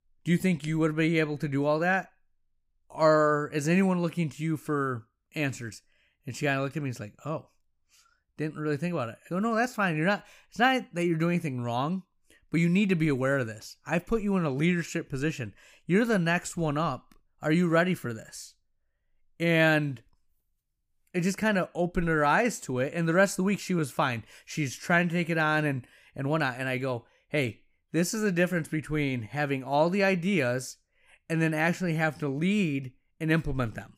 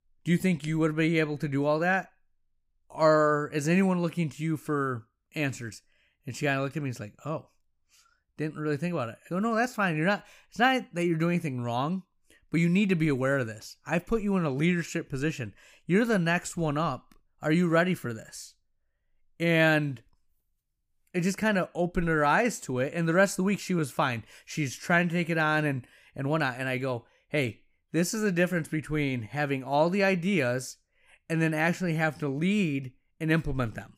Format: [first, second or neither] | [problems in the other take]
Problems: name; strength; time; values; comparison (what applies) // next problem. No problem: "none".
neither | none